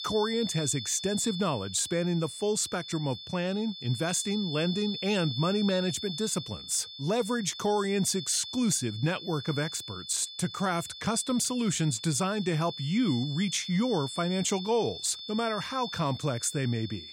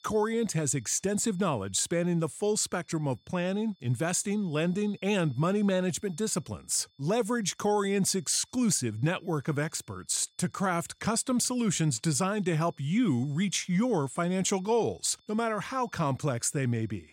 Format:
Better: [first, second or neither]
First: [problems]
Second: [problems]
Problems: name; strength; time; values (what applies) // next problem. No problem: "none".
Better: second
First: high-pitched whine; loud; throughout; 3.5 kHz, 9 dB below the speech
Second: high-pitched whine; faint; throughout; 3.5 kHz, 35 dB below the speech